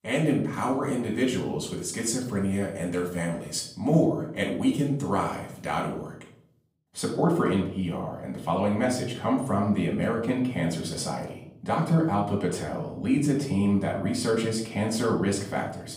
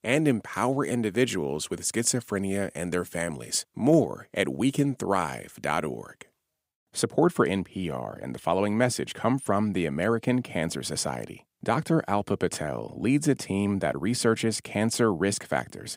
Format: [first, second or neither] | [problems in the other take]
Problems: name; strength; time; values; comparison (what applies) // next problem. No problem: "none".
second | off-mic speech; far // room echo; noticeable; dies away in 0.6 s